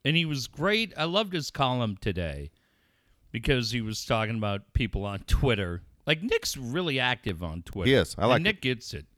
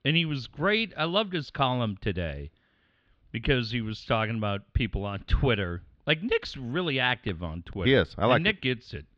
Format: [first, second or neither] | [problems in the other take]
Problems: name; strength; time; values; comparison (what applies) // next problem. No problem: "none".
first | muffled; slightly; fading above 3.5 kHz